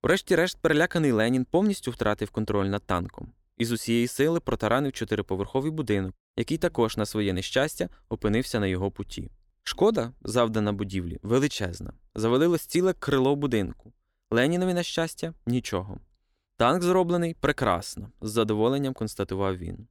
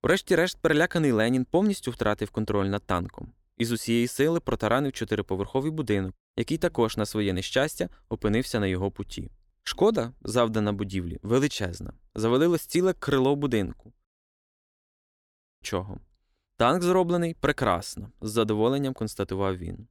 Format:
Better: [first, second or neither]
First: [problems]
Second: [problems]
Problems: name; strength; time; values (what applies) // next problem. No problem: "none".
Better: first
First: none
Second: audio cutting out; at 14 s for 1.5 s